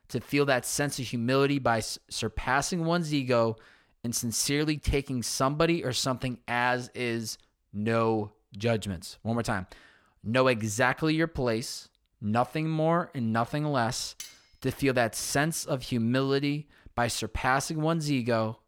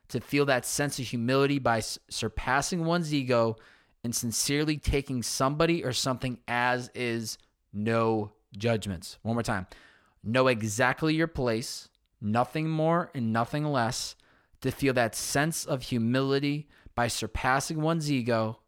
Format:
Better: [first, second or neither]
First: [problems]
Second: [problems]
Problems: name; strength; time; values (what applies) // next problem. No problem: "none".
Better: second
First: clattering dishes; faint; at 14 s; peak 15 dB below the speech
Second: none